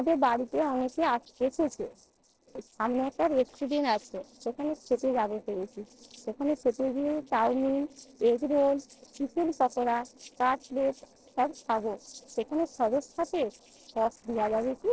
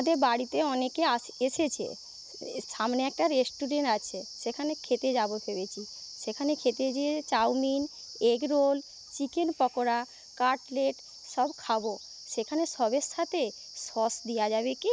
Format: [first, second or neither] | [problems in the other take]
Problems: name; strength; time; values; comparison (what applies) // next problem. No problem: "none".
second | noise reduction (neural separator model SepFormer DNS4)